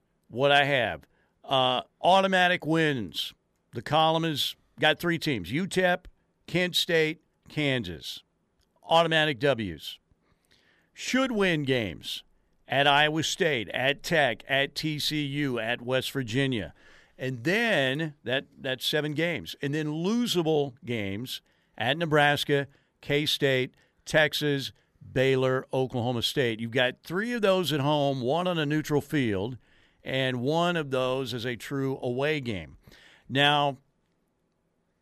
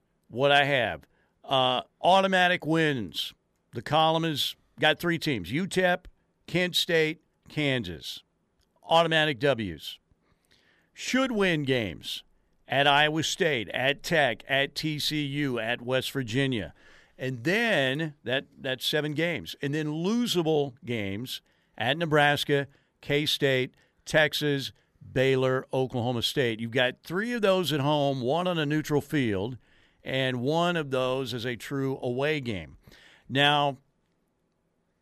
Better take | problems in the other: neither | none

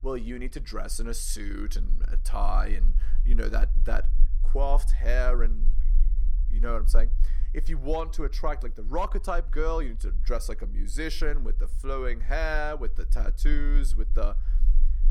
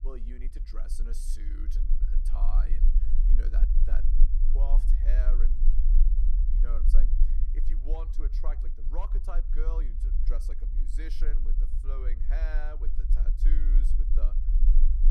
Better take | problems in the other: first | low rumble; loud; throughout; 7 dB below the speech; faint in the first

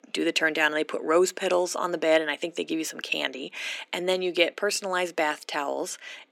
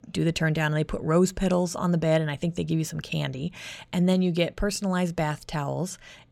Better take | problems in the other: second | thin; very; fading below 250 Hz

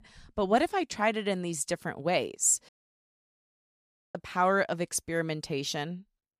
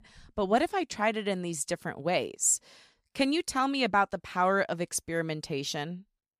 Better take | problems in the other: second | audio cutting out; at 2.5 s for 1.5 s

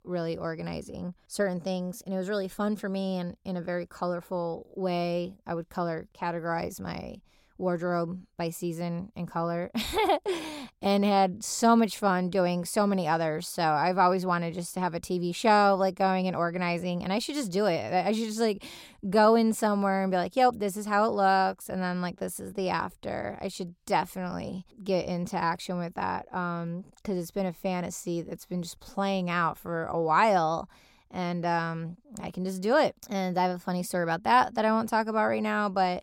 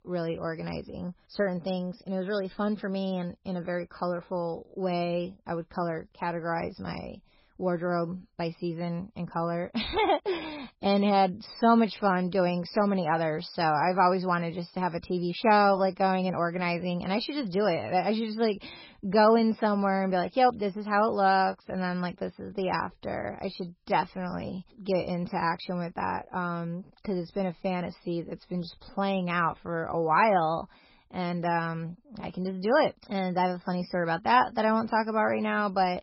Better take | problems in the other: first | garbled, watery; badly; nothing above 5.5 kHz

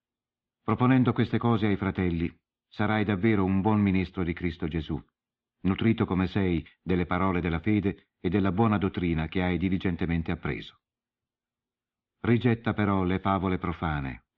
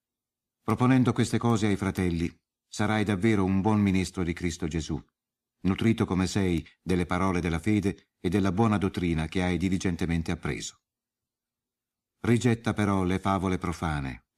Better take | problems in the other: second | muffled; very; fading above 3.5 kHz

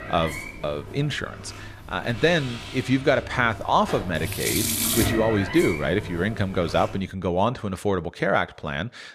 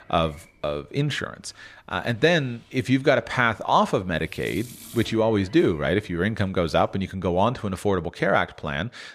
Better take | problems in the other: second | household noises; loud; until 7 s; 5 dB below the speech; faint in the second

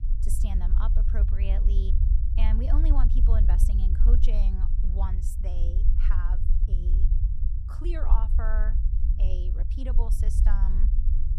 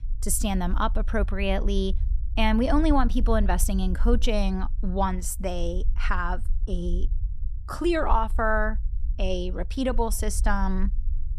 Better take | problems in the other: second | low rumble; loud; throughout; 5 dB below the speech; faint in the second

